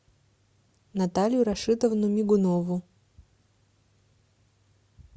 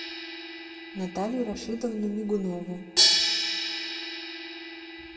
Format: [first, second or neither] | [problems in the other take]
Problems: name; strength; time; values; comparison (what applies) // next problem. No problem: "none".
first | background sound (Crash cymbal); 4 dB above the speech // room echo; dies away in 1.2 s